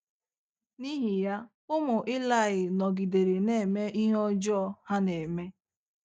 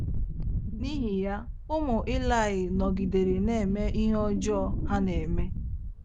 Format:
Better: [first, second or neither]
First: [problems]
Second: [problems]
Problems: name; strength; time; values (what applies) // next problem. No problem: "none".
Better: first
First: none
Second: background sound (Wind); 1 dB below the speech